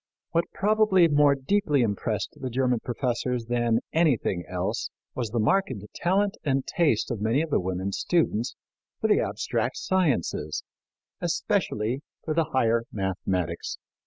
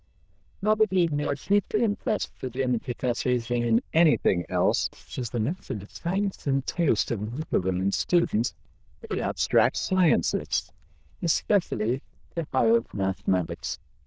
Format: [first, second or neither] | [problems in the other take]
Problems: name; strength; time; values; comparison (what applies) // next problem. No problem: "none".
first | noise reduction (neural diffusion model UNIVERSE++)